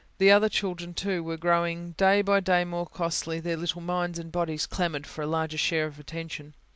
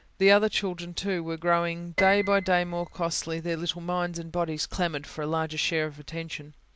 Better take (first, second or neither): first